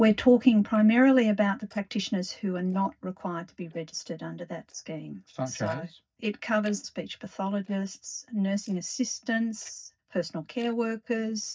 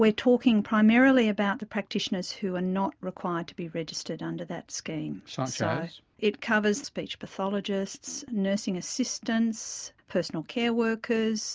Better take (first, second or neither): second